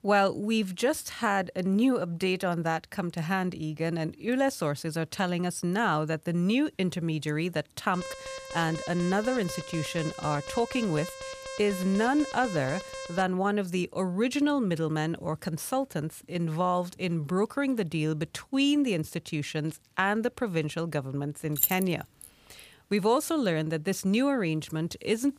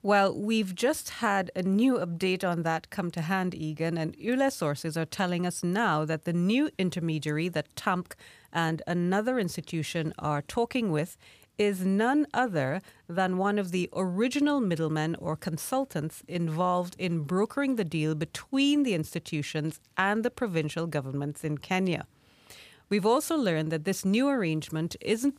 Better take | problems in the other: second | alarm; noticeable; from 8 to 13 s; peak 9 dB below the speech // jangling keys; loud; at 22 s; peak 2 dB above the speech

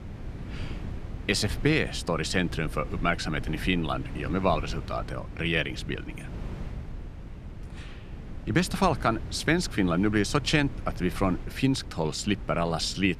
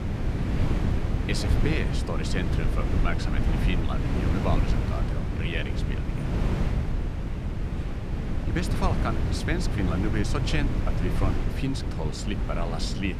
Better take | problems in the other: first | wind noise on the microphone; heavy; 2 dB below the speech; occasional gusts in the first

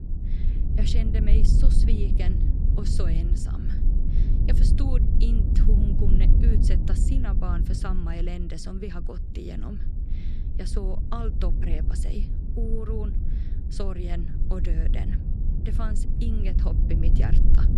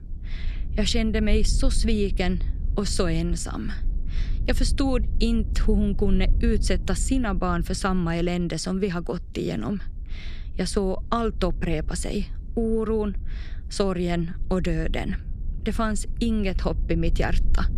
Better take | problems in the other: second | low rumble; loud; throughout; 2 dB below the speech; faint in the second

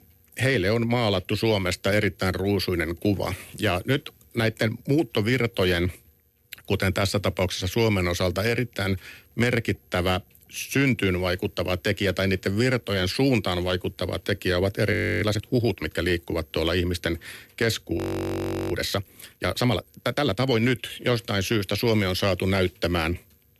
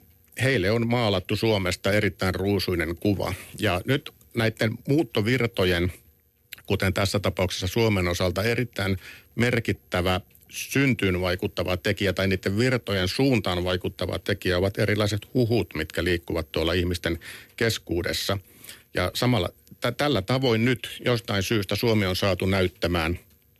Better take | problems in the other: second | audio freezing; at 15 s and at 18 s for 0.5 s

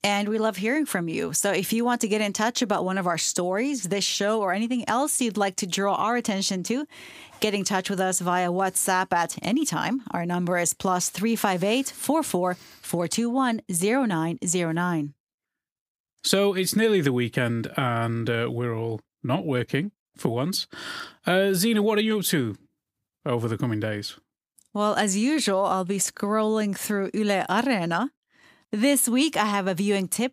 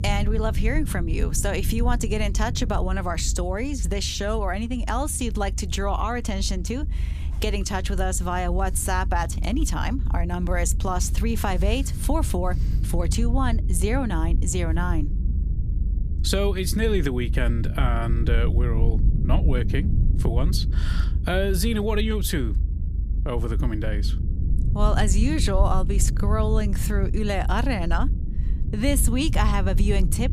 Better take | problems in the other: first | low rumble; noticeable; throughout; 15 dB below the speech

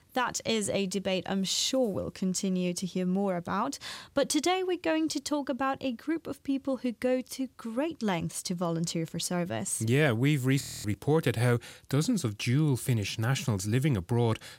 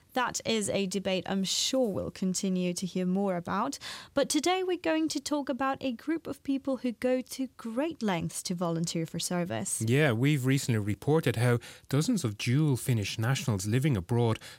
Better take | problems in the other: second | audio freezing; at 11 s

